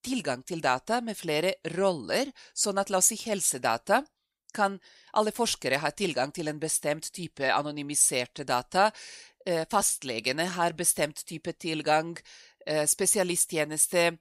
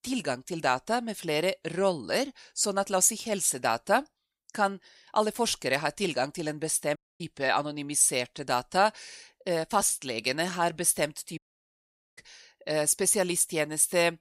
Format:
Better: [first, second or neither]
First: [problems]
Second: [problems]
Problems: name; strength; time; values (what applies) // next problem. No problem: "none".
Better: first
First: none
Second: audio cutting out; at 7 s and at 11 s for 1 s